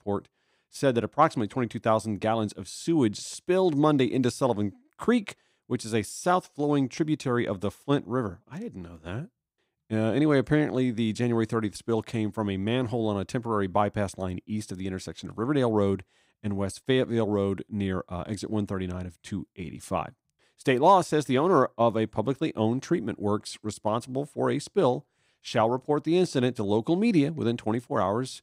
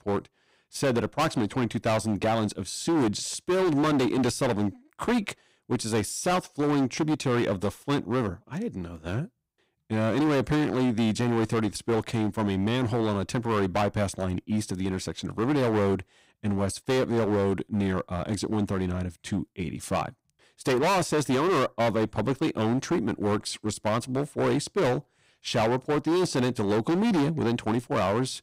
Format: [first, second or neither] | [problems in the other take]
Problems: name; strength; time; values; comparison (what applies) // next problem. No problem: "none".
first | distortion; heavy; 17% of the sound clipped